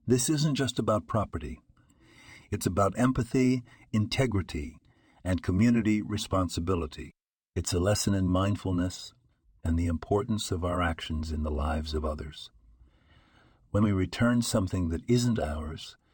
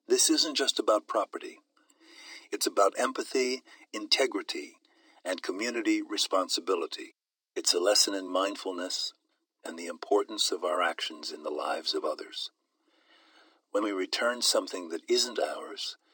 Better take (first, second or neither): first